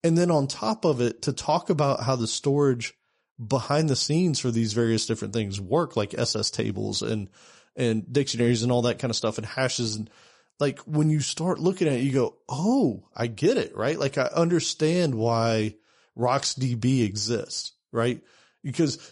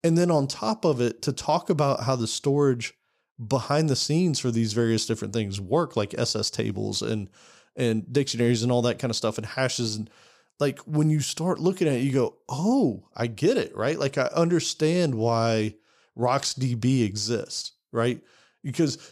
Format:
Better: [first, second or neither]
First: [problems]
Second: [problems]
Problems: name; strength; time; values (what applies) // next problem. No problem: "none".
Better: second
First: garbled, watery; slightly; nothing above 10.5 kHz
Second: none